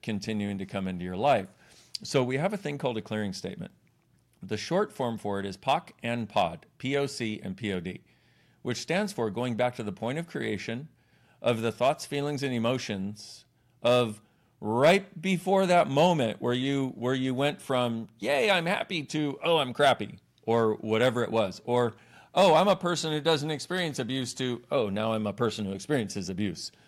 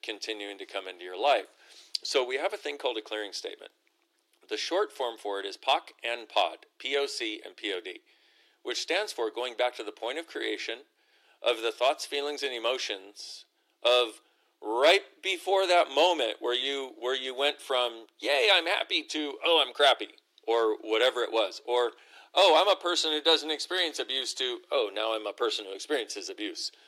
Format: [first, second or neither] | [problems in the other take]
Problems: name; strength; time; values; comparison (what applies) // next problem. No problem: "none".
first | thin; very; fading below 300 Hz